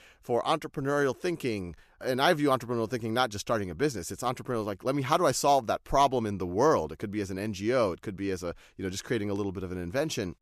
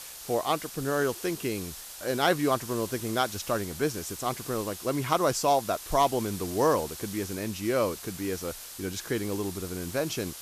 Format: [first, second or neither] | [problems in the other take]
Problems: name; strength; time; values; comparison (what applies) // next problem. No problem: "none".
first | hiss; noticeable; throughout; 10 dB below the speech